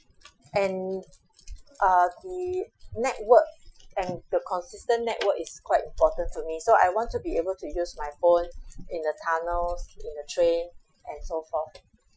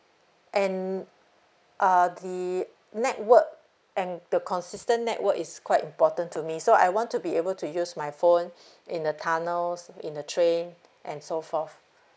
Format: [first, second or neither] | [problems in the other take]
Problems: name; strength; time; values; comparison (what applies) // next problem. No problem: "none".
second | noise reduction (classical method Wiener filter)